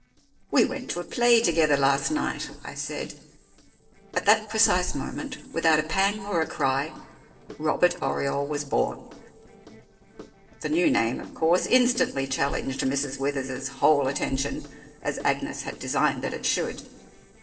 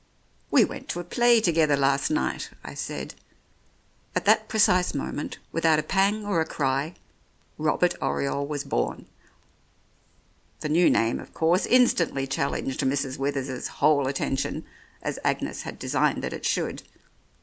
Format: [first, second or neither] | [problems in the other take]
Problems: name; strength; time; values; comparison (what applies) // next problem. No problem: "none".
second | noise reduction (neural separator model SepFormer DNS4)